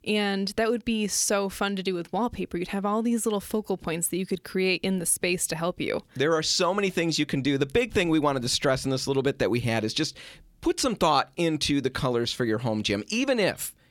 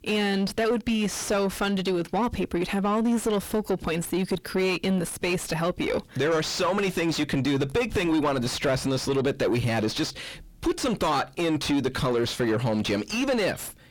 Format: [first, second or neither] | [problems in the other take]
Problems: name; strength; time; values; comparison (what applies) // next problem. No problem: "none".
first | distortion; heavy; 6 dB below the speech